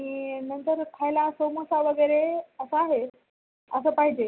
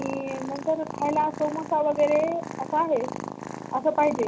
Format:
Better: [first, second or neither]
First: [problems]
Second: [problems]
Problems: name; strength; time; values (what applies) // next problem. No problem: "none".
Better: first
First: none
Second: background sound (Purr); 10 dB below the speech